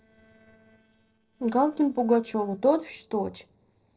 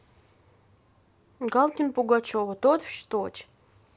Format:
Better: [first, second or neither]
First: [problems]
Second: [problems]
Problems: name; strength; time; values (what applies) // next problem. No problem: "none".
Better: second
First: noise reduction (neural separator model SepFormer DNS4)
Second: none